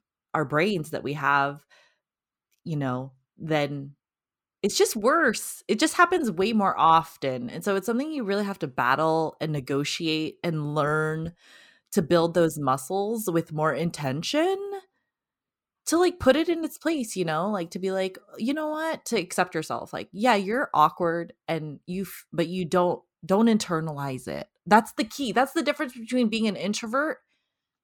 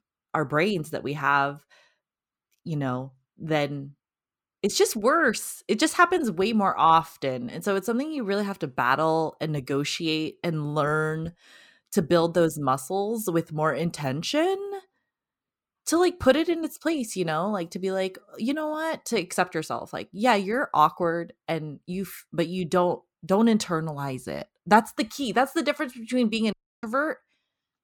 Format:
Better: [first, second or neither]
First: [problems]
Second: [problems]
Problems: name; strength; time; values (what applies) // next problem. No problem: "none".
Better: first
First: none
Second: audio cutting out; at 27 s